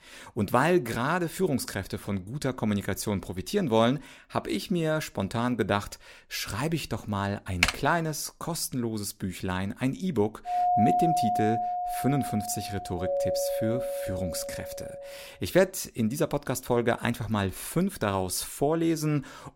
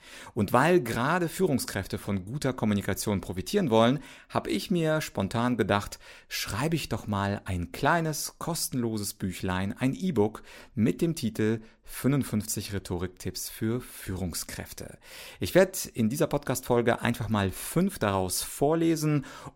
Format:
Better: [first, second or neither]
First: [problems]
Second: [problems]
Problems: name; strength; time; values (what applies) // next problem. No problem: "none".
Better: second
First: keyboard typing; loud; at 7.5 s; peak 3 dB above the speech // doorbell; loud; from 10 to 15 s; peak 5 dB above the speech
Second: none